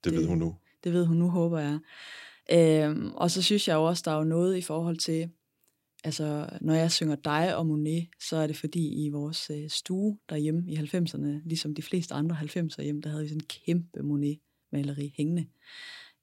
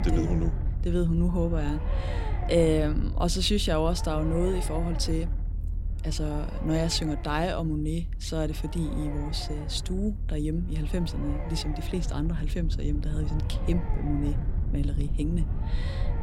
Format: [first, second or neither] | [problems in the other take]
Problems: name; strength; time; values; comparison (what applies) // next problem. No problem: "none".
first | low rumble; noticeable; throughout; 10 dB below the speech